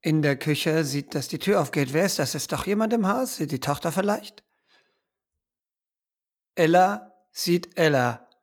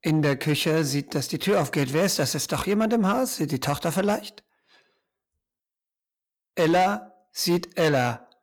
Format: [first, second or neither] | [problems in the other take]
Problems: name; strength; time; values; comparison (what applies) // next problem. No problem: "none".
first | distortion; slight; 10 dB below the speech